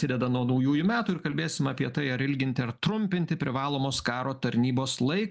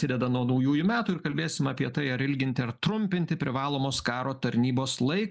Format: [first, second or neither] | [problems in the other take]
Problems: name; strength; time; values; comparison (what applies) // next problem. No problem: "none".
first | noise reduction (neural mask model Resemble Enhance denoiser)